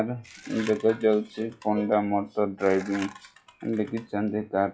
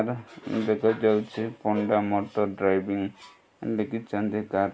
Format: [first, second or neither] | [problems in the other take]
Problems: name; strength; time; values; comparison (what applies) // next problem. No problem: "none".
second | noise reduction (classical method log-MMSE)